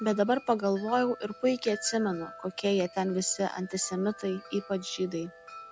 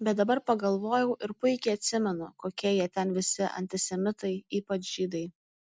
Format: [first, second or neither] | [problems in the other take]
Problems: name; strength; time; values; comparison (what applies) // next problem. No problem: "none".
second | background sound (Wind chime); 18 dB below the speech